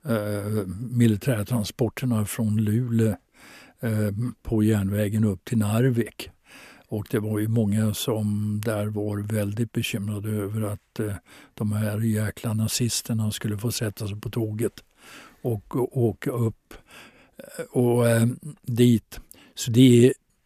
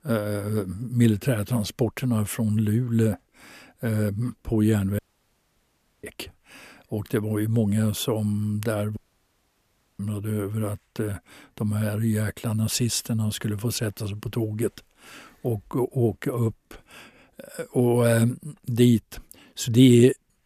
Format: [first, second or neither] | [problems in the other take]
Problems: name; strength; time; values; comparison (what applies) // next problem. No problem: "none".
first | audio cutting out; at 5 s for 1 s and at 9 s for 1 s